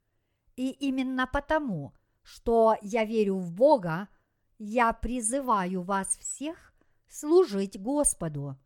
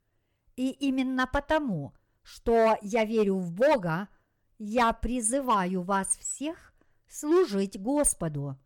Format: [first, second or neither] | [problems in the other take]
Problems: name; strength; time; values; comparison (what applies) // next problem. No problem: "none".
first | distortion; slight; 4% of the sound clipped